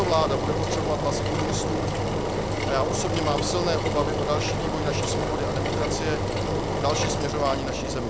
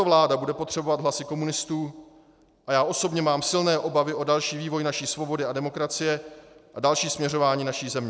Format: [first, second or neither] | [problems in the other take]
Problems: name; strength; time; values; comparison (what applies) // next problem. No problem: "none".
second | background sound (Engine); 3 dB above the speech